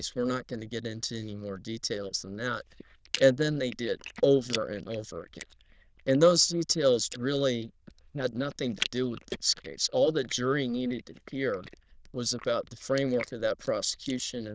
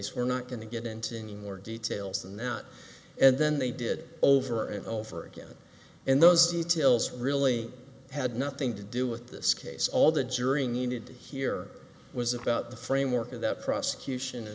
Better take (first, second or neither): second